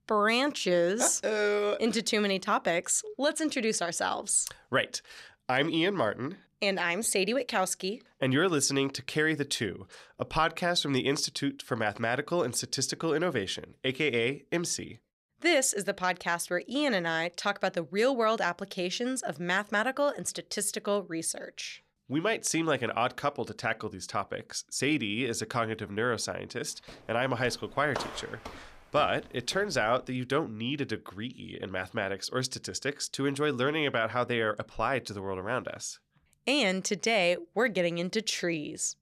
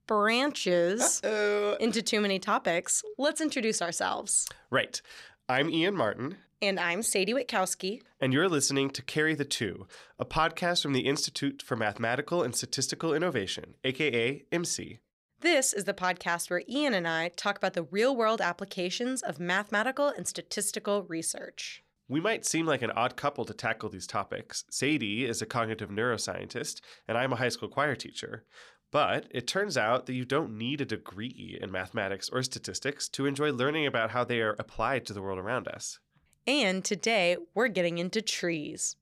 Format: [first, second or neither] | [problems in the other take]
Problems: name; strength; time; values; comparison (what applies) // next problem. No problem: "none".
second | footsteps; noticeable; from 27 to 30 s; peak 8 dB below the speech